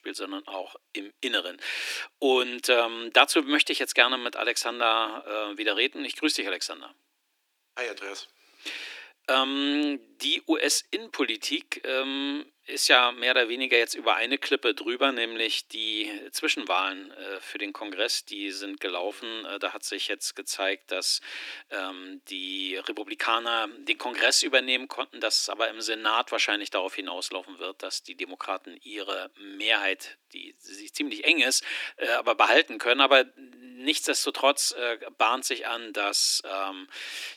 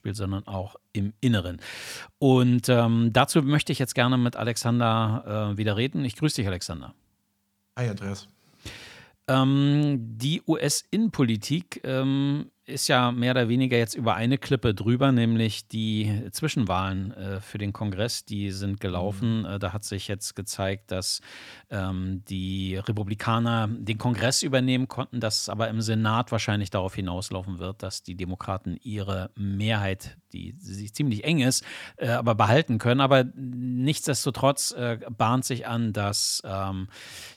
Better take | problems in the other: second | thin; somewhat; fading below 300 Hz

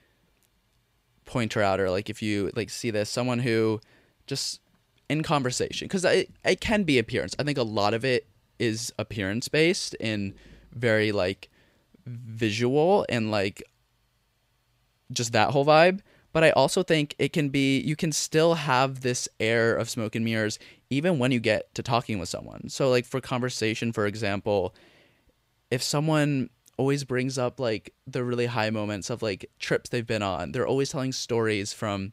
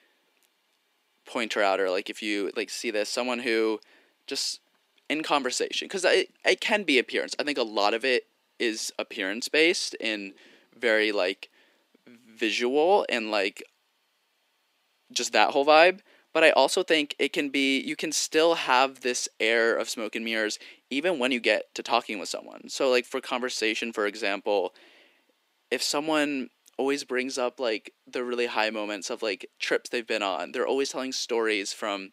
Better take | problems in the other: first | thin; very slightly; fading below 250 Hz

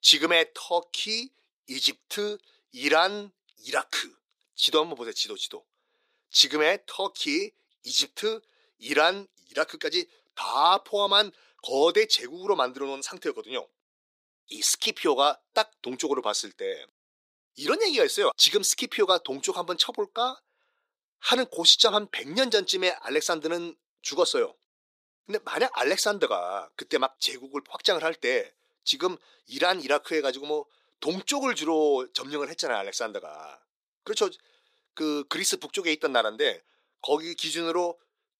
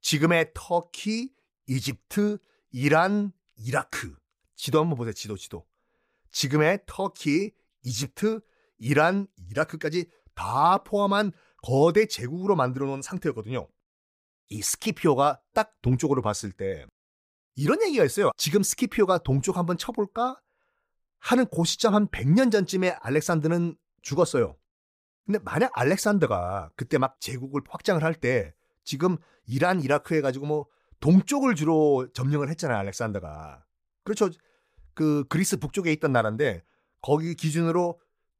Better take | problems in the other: second | thin; somewhat; fading below 300 Hz

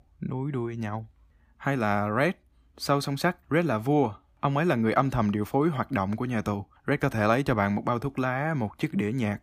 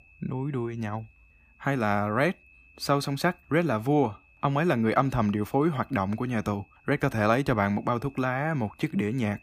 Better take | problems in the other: first | high-pitched whine; faint; throughout; 2.5 kHz, 30 dB below the speech

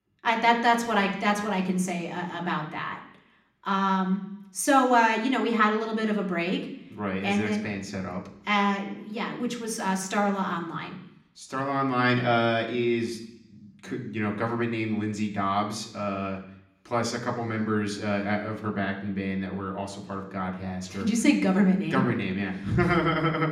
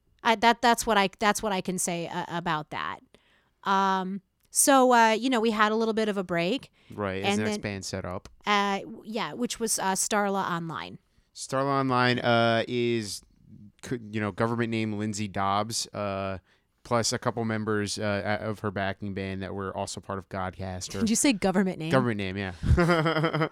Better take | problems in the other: second | room echo; slight; dies away in 0.8 s // off-mic speech; somewhat distant

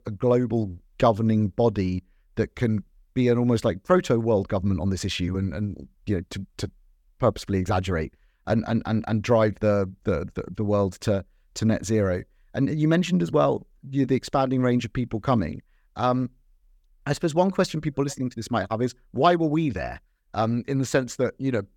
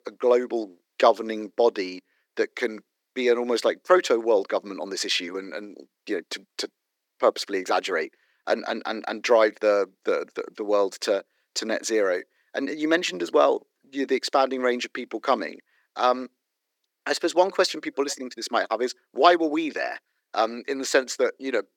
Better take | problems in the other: first | thin; somewhat; fading below 300 Hz

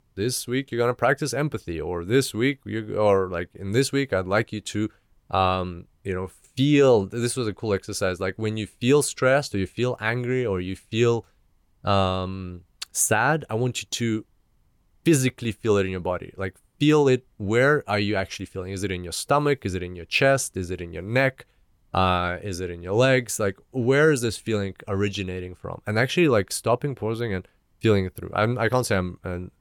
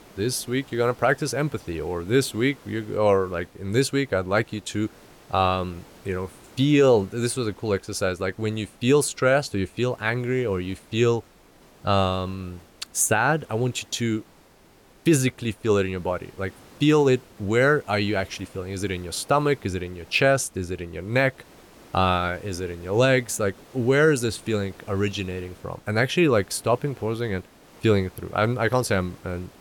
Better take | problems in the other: first | hiss; faint; throughout; 25 dB below the speech

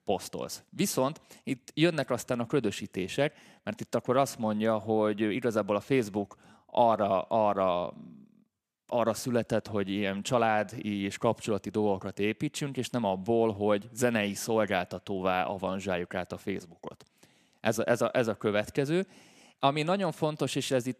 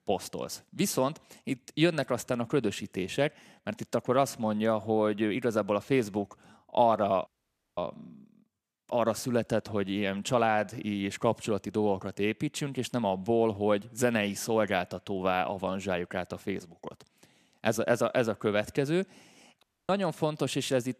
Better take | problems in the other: first | audio cutting out; at 7.5 s for 0.5 s and at 20 s

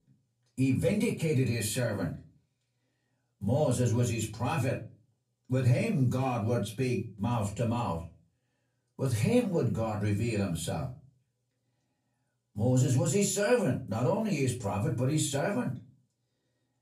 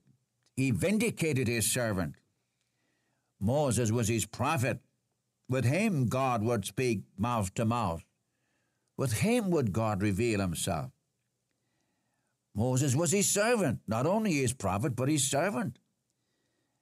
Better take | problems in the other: second | off-mic speech; far // room echo; very slight; dies away in 0.3 s

